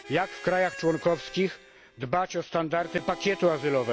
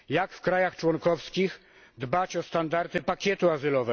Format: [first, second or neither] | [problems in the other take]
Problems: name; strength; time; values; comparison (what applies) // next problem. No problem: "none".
second | background sound (Harmonica); 17 dB below the speech